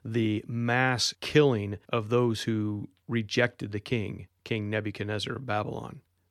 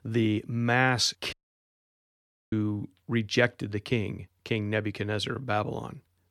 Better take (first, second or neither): first